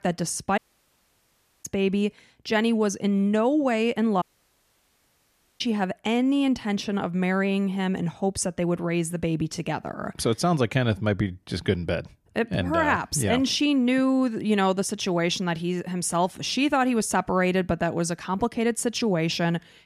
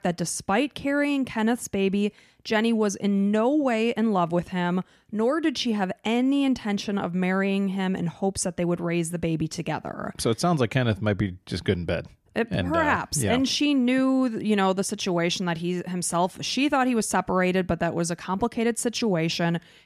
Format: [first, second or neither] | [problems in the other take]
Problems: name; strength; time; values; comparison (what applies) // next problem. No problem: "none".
second | audio cutting out; at 0.5 s for 1 s and at 4 s for 1.5 s